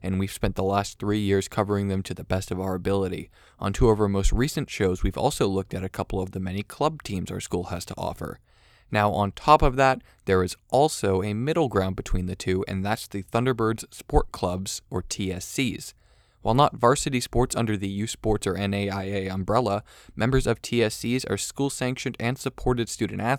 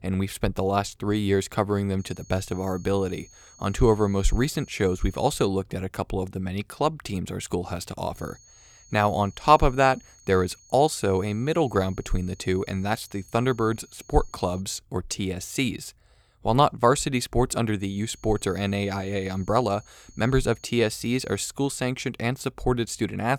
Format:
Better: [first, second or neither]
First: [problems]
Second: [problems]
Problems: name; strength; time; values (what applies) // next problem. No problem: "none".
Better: first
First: none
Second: high-pitched whine; faint; from 2 to 5.5 s, from 8 to 15 s and from 18 to 21 s; 6.5 kHz, 25 dB below the speech